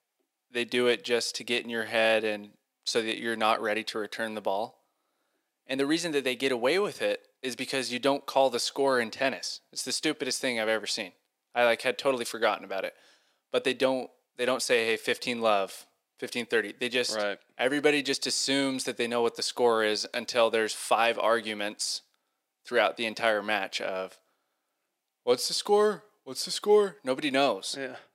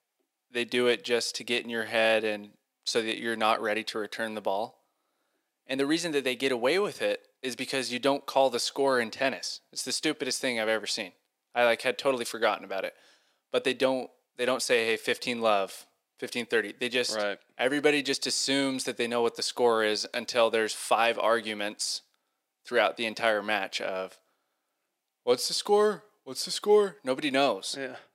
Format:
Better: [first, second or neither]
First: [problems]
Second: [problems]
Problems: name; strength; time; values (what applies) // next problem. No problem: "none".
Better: neither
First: thin; somewhat; fading below 300 Hz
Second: thin; somewhat; fading below 300 Hz